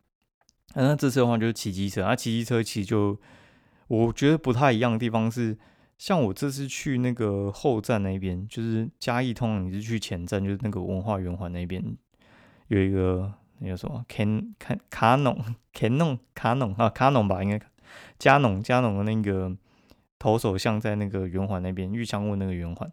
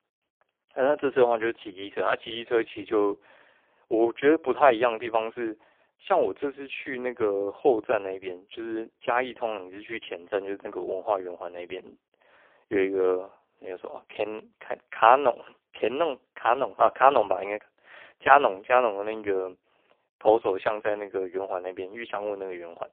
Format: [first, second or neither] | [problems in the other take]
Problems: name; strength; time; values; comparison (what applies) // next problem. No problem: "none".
first | phone-call audio; poor line